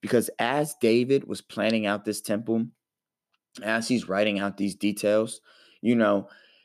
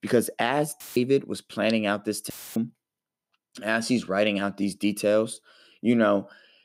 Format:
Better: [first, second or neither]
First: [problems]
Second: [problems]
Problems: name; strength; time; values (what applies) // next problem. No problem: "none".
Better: first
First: none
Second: audio cutting out; filled with static; at 1 s and at 2.5 s